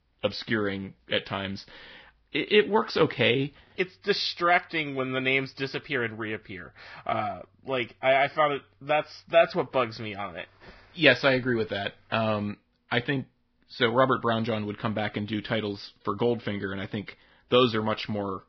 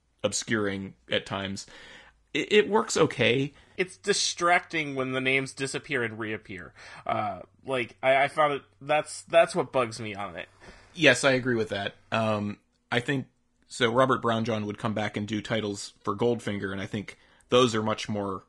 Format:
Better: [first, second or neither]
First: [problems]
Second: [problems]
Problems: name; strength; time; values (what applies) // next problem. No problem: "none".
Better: second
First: garbled, watery; badly; nothing above 5.5 kHz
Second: garbled, watery; slightly